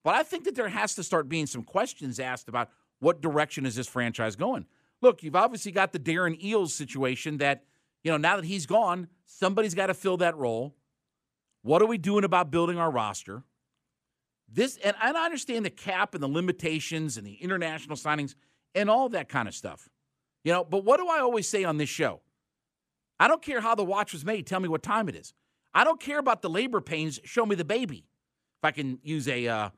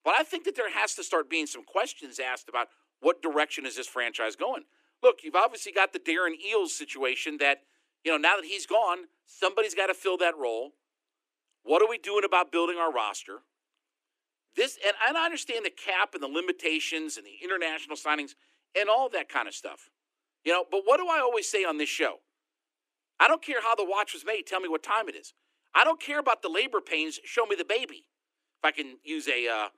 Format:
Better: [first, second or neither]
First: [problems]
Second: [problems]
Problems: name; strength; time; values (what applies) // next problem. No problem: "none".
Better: first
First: none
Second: thin; somewhat; fading below 300 Hz